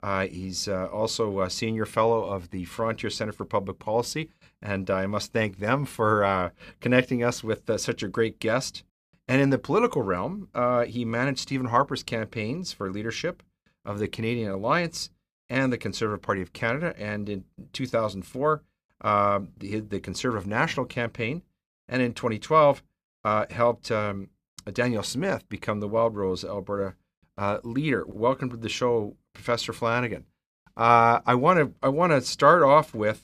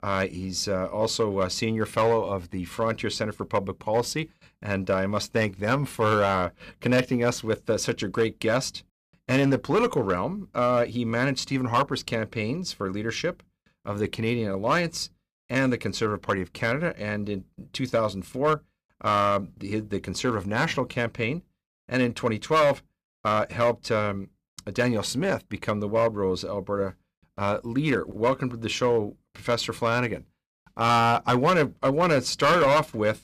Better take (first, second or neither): first